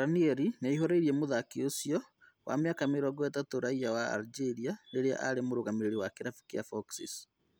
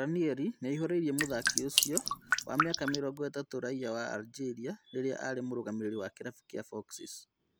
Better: first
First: none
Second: background sound (Drip); 3 dB above the speech

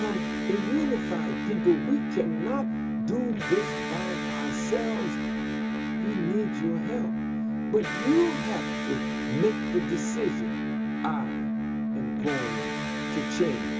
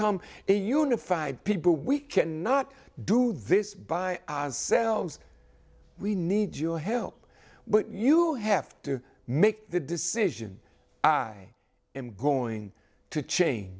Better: second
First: background sound (Electric guitar); 1 dB above the speech // room echo; dies away in 0.2 s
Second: none

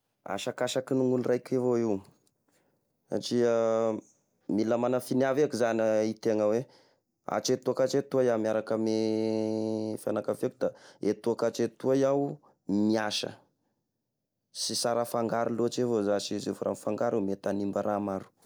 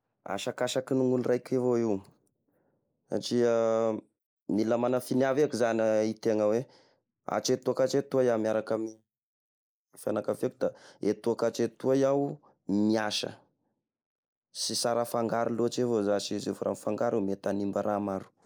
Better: first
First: none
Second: noise reduction (neural mask model Resemble Enhance denoiser)

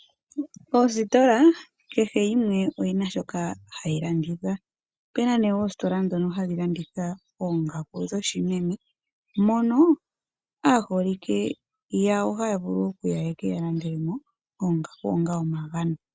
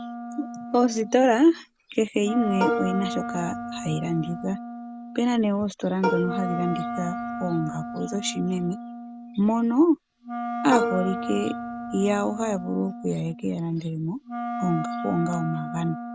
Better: first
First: none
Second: background sound (Plucked string instrument + Wind instrument, woodwind instrument); 6 dB below the speech

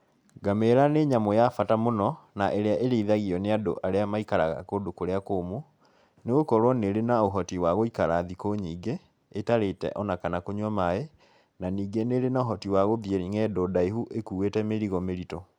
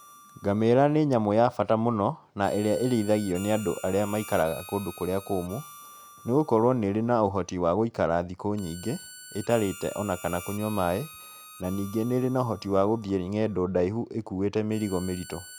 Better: first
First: none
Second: background sound (Harmonica); 20 dB below the speech

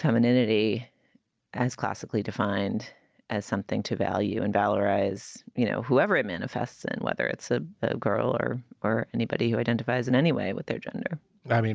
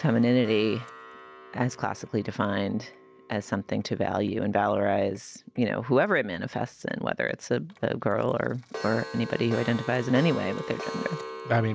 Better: first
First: none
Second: background sound (Clock); 15 dB below the speech

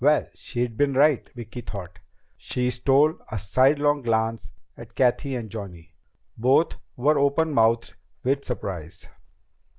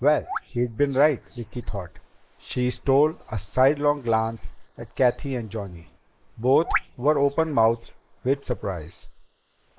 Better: first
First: none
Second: noise reduction (neural mask model Resemble Enhance denoiser)

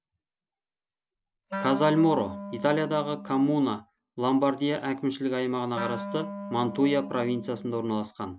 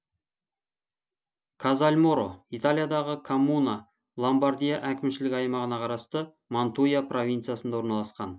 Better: second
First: background sound (Wind instrument, woodwind instrument); 10 dB below the speech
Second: none

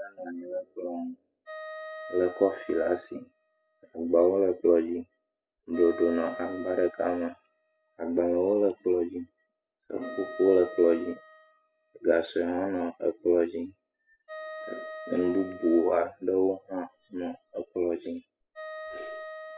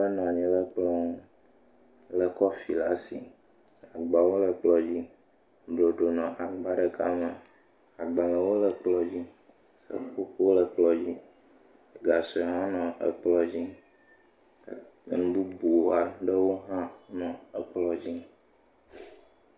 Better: second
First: noise reduction (classical method spectral subtraction)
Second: none

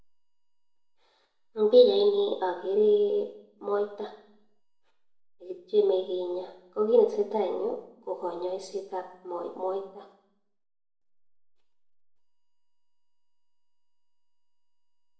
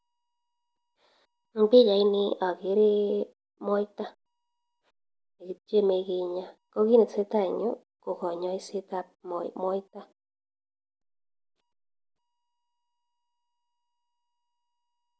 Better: second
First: room echo; dies away in 0.7 s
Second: none

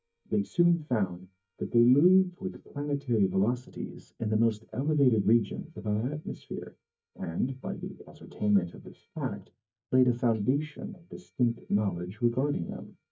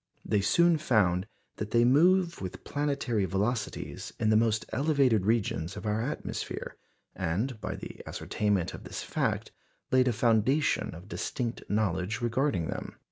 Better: second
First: noise reduction (neural mask model DeepFilterNet 3)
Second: none

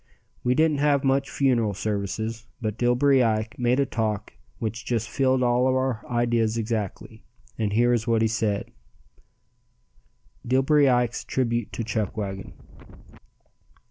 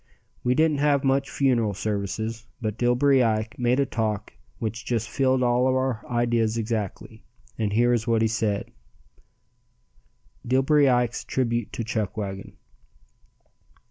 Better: second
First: background sound (Wind); 16 dB below the speech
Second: none

